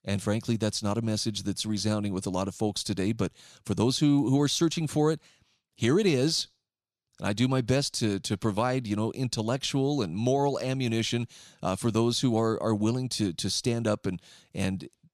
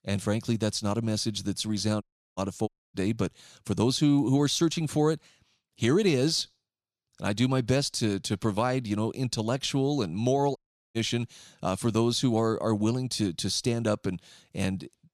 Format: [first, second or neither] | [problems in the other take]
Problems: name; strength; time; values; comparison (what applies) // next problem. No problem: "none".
first | audio cutting out; at 2 s, at 2.5 s and at 11 s